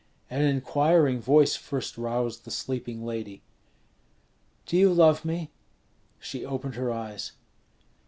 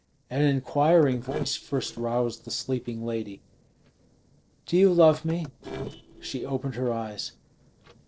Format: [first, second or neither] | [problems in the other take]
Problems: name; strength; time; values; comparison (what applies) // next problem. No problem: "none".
first | noise reduction (neural separator model SepFormer DNS4)